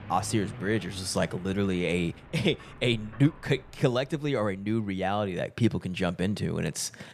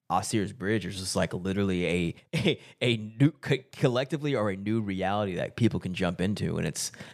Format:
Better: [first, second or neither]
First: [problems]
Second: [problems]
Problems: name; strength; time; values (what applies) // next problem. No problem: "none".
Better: second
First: traffic noise; noticeable; throughout; 20 dB below the speech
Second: none